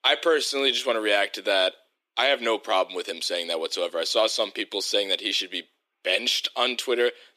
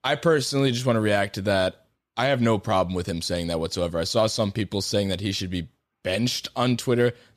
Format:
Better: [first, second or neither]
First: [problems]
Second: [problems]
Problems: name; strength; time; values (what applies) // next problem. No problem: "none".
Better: second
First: thin; very; fading below 300 Hz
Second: none